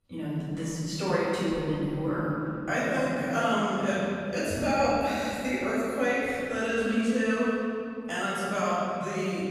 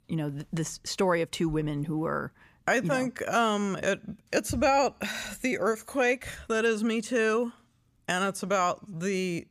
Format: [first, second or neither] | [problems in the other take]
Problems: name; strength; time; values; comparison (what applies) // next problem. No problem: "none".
second | room echo; strong; dies away in 2.6 s // off-mic speech; far